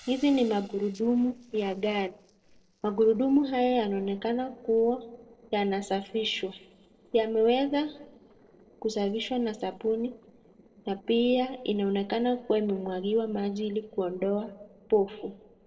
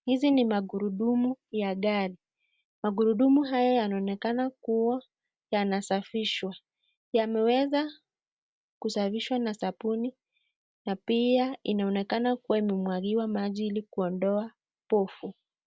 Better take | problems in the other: second | noise reduction (neural separator model SepFormer DNS4)

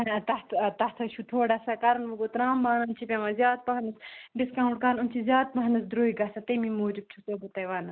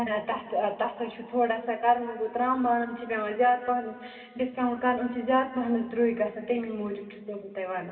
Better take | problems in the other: first | room echo; dies away in 2.3 s

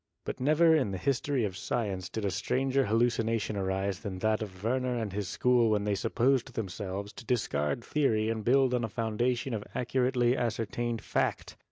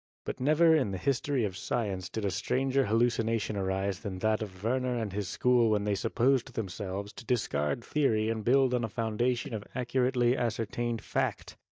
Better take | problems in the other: first | noise reduction (neural mask model DeepFilterNet 3)

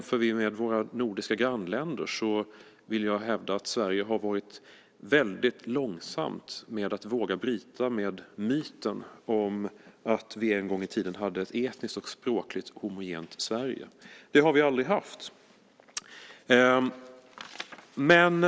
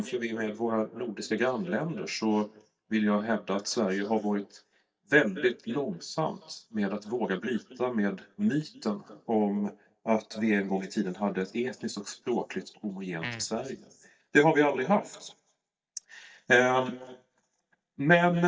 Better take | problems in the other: first | noise reduction (neural mask model DeepFilterNet 3)

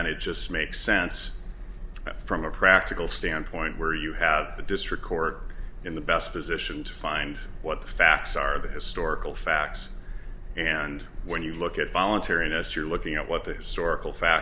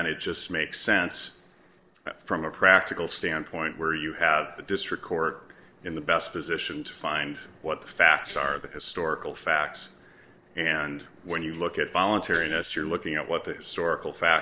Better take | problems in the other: first | noise reduction (neural separator model SepFormer DNS4)

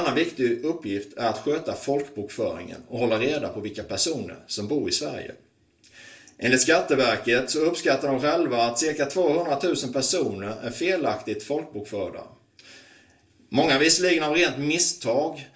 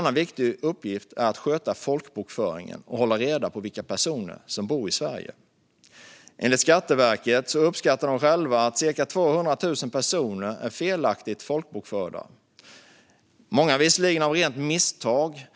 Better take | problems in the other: second | room echo; dies away in 0.3 s

